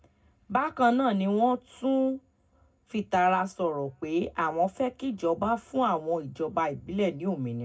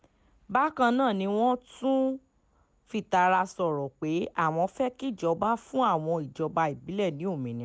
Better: second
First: room echo; dies away in 0.2 s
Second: none

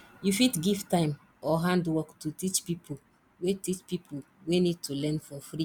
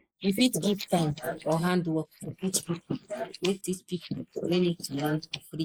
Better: first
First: none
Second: noise reduction (neural mask model Resemble Enhance denoiser)

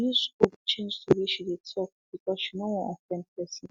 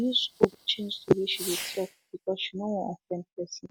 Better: first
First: none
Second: background sound (Fireworks); 14 dB below the speech

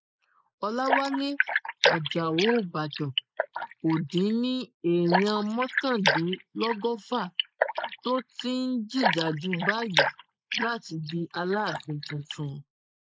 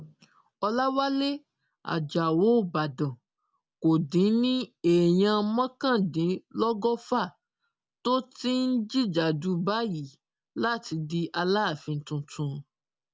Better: second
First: noise reduction (neural mask model Resemble Enhance denoiser)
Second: none

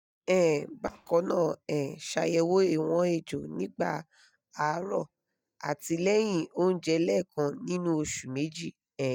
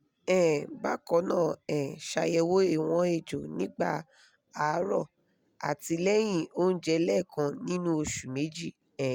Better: second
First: noise reduction (neural mask model DeepFilterNet 3)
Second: none

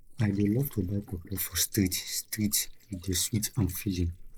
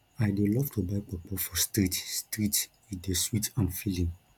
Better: second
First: noise reduction (neural mask model Resemble Enhance denoiser)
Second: none

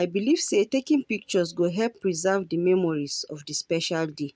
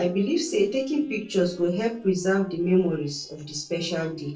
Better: first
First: none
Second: noise reduction (neural separator model SepFormer DNS4)

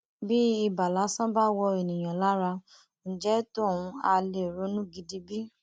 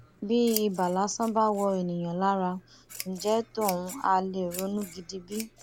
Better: first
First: none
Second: background sound (Scissors); 15 dB below the speech

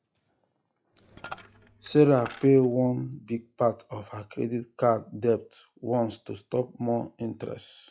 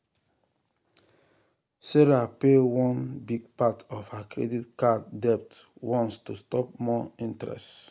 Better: second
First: noise reduction (classical method log-MMSE)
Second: none

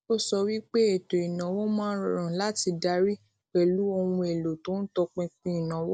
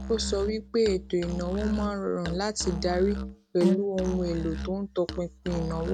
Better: first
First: none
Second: background sound (Musical instrument); 6 dB below the speech

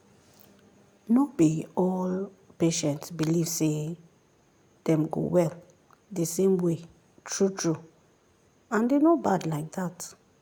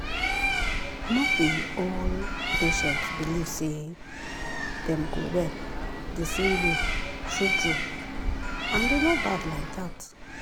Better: first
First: none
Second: background sound (Bird); 2 dB above the speech

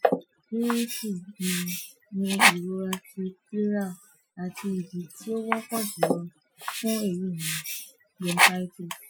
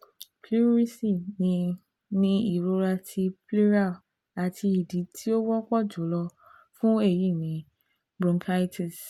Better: second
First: noise reduction (classical method Wiener filter)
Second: none

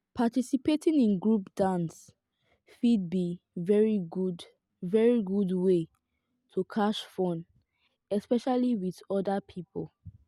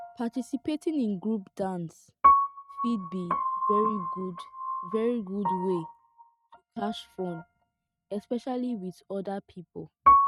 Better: first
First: none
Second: noise reduction (neural mask model RNNoise)

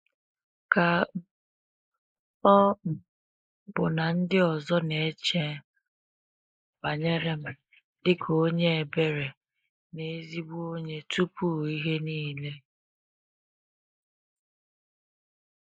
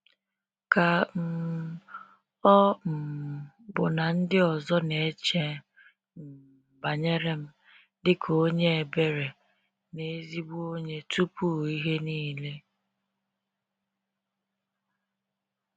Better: second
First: noise reduction (neural mask model Resemble Enhance denoiser)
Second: none

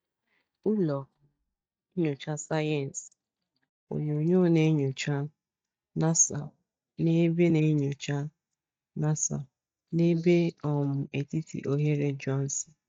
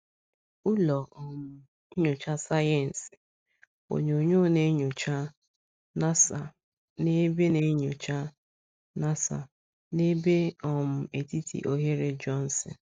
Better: second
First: noise reduction (neural mask model DeepFilterNet 3)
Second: none

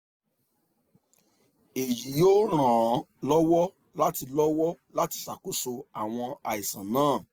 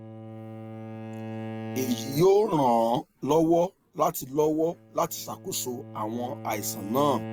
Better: first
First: none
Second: background sound (Bowed string instrument); 13 dB below the speech

